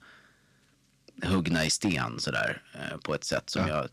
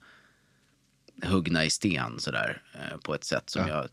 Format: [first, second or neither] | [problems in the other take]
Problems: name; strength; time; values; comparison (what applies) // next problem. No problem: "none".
second | distortion; slight; 2% of the sound clipped